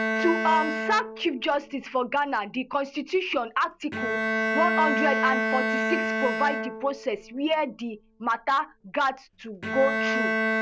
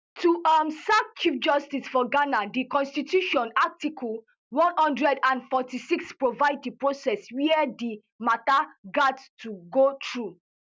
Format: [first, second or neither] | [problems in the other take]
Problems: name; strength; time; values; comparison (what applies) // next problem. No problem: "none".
second | background sound (Bowed string instrument); 2 dB below the speech